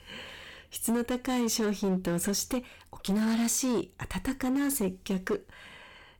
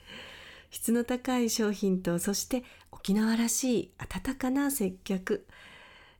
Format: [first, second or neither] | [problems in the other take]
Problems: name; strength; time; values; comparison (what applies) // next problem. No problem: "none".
second | distortion; slight; 12% of the sound clipped